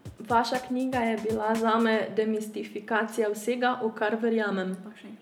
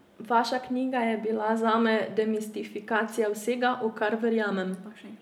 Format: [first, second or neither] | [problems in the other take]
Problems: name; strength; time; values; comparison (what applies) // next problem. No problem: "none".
second | background sound (Drum); 17 dB below the speech